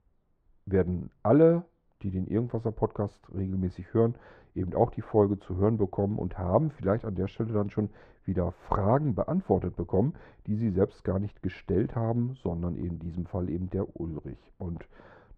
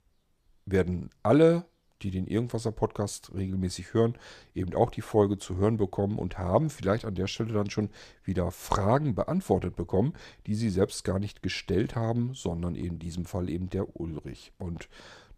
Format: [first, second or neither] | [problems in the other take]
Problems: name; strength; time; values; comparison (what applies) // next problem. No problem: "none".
second | muffled; very; fading above 3.5 kHz